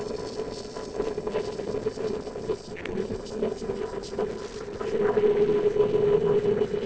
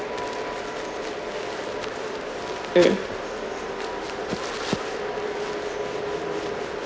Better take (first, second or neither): second